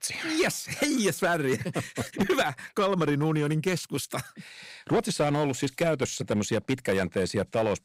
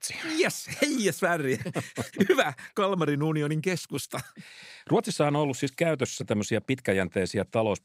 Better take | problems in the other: second | distortion; slight; 5% of the sound clipped

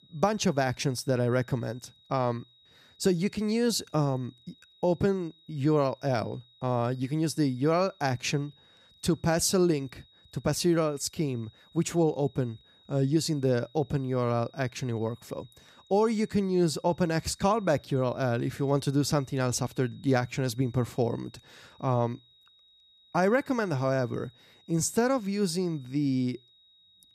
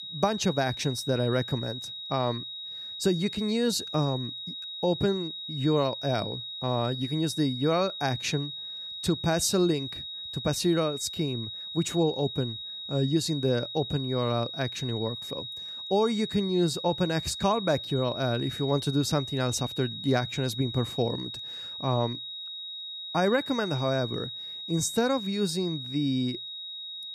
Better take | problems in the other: first | high-pitched whine; loud; throughout; 4 kHz, 7 dB below the speech; faint in the first

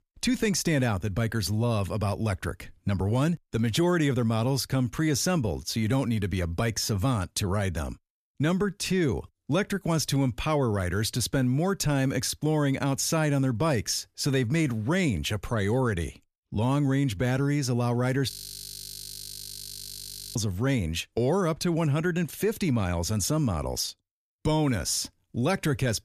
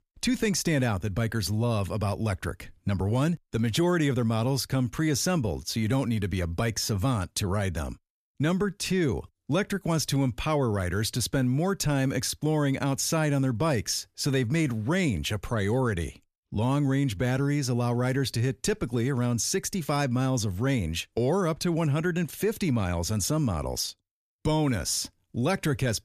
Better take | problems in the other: second | audio freezing; at 18 s for 2 s

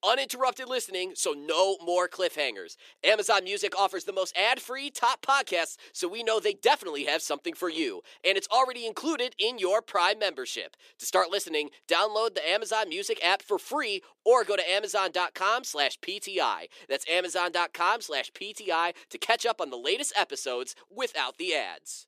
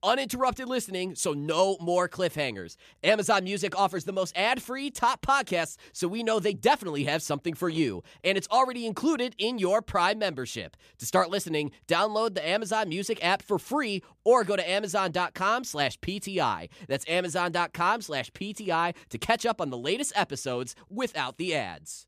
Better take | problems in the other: second | thin; somewhat; fading below 350 Hz

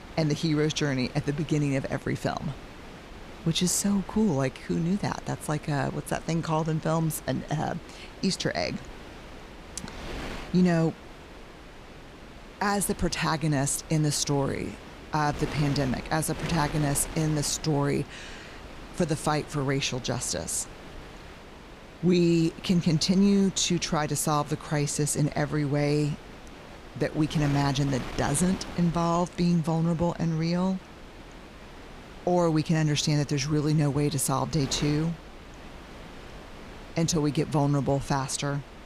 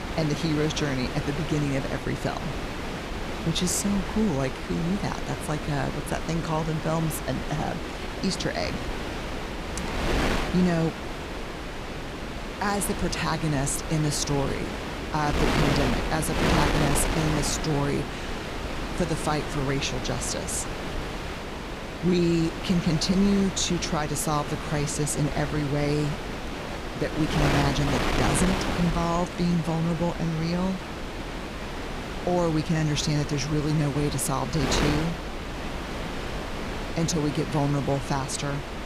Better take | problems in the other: first | wind noise on the microphone; heavy; 2 dB below the speech; occasional gusts in the first

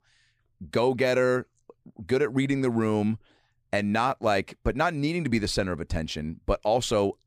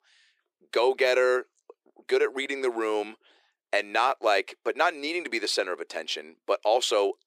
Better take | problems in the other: first | thin; very; fading below 350 Hz

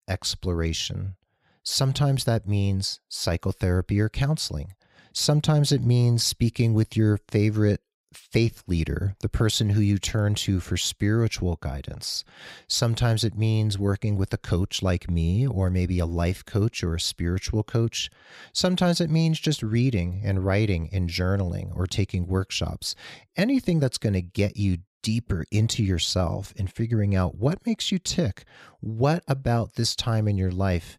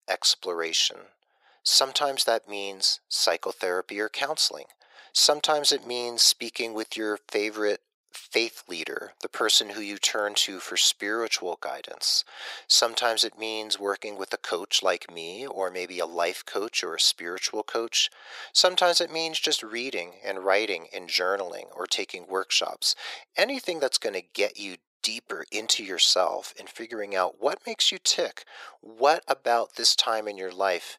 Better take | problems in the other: first | thin; very; fading below 450 Hz

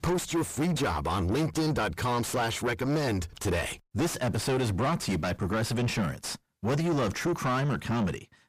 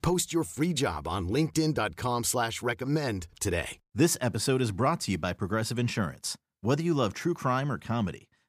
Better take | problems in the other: second | distortion; heavy; 5 dB below the speech

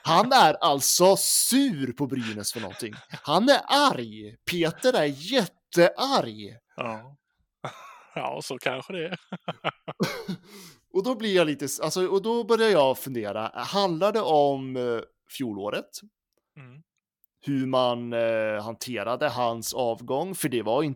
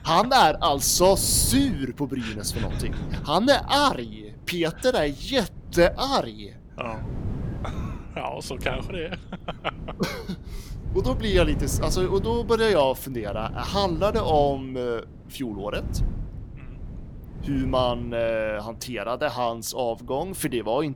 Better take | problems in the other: first | wind noise on the microphone; occasional gusts; 20 dB below the speech

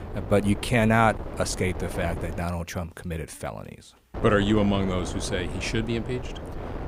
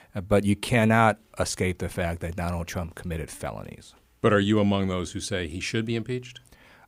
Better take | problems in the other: second | wind noise on the microphone; occasional gusts; until 2.5 s and from 4 s on; 10 dB below the speech

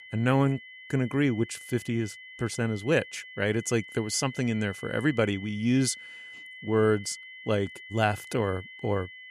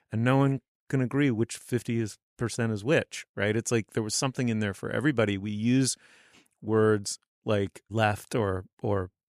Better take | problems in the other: second | high-pitched whine; noticeable; throughout; 2 kHz, 15 dB below the speech

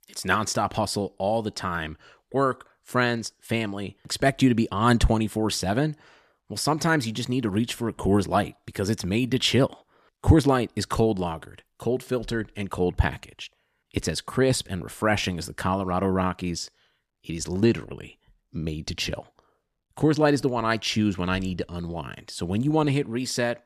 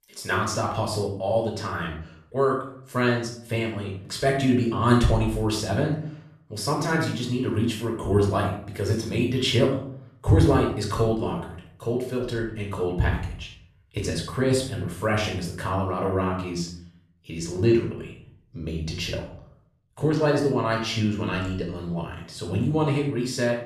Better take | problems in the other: first | off-mic speech; far // room echo; noticeable; dies away in 0.5 s

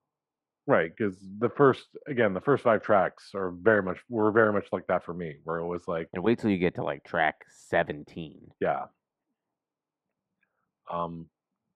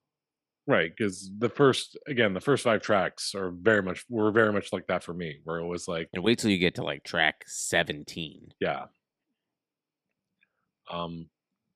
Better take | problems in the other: second | muffled; very; fading above 3 kHz

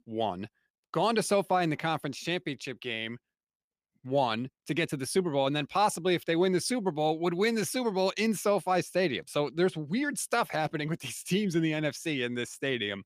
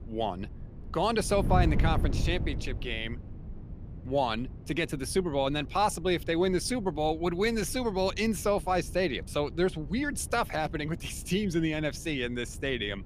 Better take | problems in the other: first | wind noise on the microphone; occasional gusts; 20 dB below the speech

